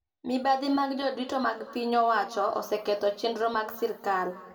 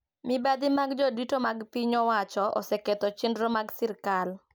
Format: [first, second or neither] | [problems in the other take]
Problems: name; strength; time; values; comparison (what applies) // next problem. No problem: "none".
second | room echo; dies away in 1.6 s